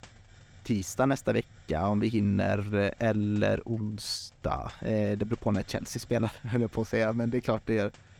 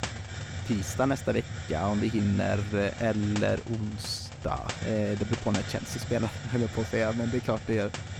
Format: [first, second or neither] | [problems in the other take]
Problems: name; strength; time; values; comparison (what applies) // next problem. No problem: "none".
first | hiss; loud; throughout; 8 dB below the speech; faint in the first